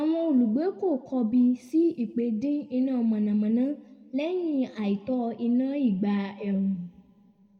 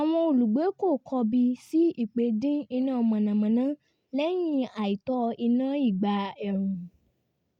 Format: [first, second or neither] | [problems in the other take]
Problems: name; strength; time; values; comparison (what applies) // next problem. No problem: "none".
second | room echo; dies away in 1.4 s